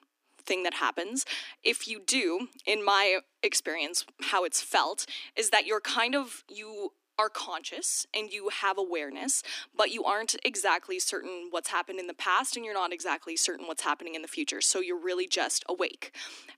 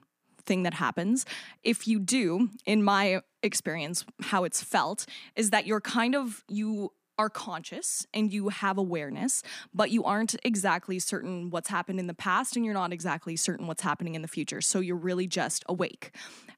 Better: second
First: thin; somewhat; fading below 300 Hz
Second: none

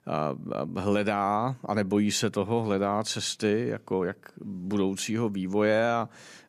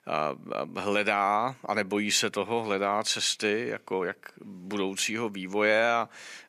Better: first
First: none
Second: thin; somewhat; fading below 1 kHz

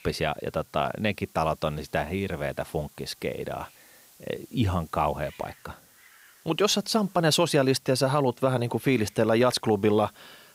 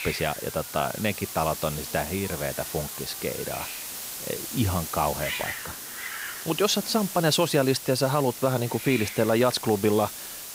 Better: first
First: hiss; faint; throughout; 25 dB below the speech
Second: hiss; loud; throughout; 7 dB below the speech

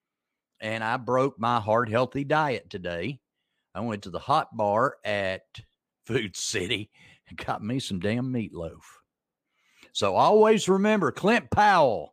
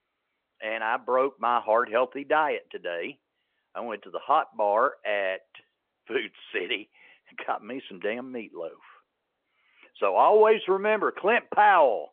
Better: first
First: none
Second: phone-call audio

